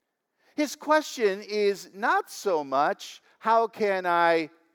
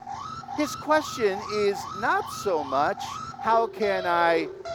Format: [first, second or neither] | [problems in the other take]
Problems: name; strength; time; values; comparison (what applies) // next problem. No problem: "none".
first | alarm; noticeable; peak 8 dB below the speech